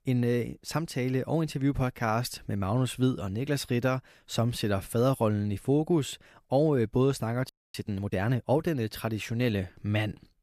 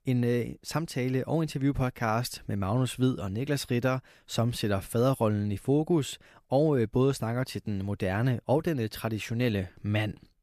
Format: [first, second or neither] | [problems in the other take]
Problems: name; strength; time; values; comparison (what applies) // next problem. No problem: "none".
second | audio freezing; at 7.5 s